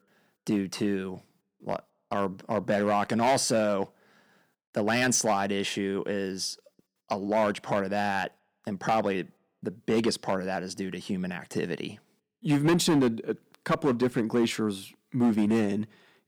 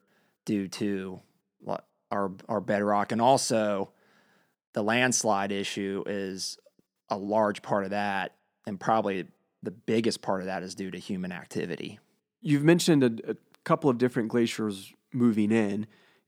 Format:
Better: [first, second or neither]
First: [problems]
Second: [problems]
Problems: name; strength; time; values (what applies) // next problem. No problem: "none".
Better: second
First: distortion; slight; 4% of the sound clipped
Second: none